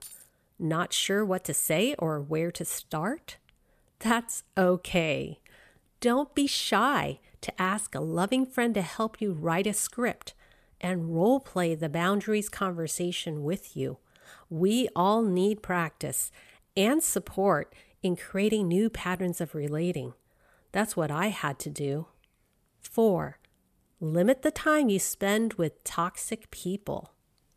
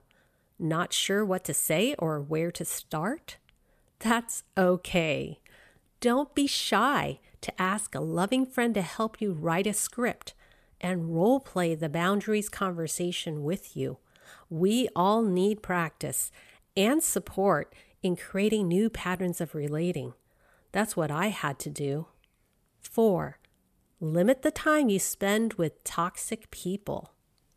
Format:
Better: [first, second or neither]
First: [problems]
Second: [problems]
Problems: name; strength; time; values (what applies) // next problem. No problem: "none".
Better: second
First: jangling keys; faint; at the start; peak 15 dB below the speech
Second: none